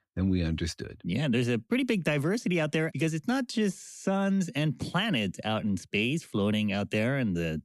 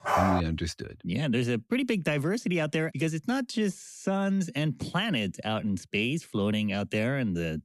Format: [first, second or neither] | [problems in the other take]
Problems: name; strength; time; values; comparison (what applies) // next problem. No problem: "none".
first | dog barking; loud; at the start; peak 3 dB above the speech